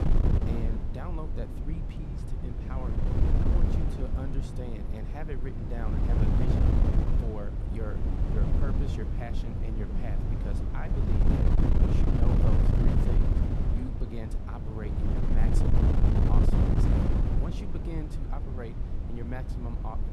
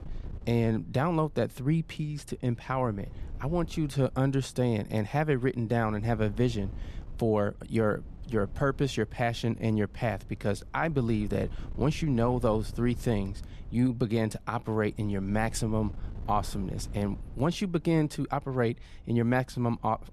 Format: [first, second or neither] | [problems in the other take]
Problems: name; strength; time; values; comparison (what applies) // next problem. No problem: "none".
second | wind noise on the microphone; heavy; 5 dB above the speech; occasional gusts in the second